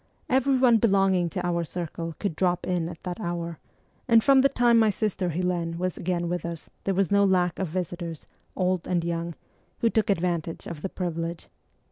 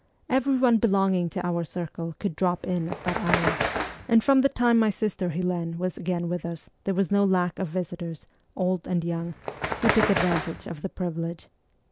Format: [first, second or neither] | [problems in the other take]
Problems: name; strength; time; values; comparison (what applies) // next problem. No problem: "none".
first | background sound (Bird); 4 dB below the speech